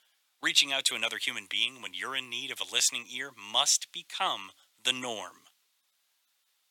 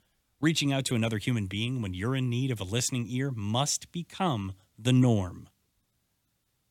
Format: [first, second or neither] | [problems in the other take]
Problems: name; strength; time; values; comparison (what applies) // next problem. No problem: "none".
second | thin; very; fading below 950 Hz